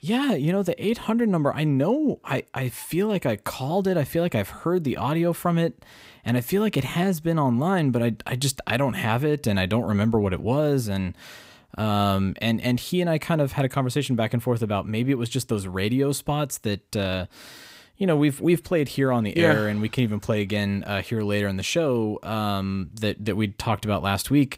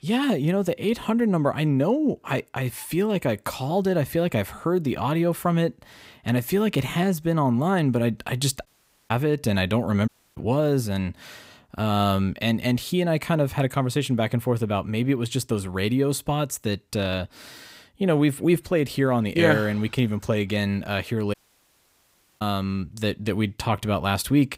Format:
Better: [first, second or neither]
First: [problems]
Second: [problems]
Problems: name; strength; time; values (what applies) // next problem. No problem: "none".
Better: first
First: none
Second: audio cutting out; at 8.5 s, at 10 s and at 21 s for 1 s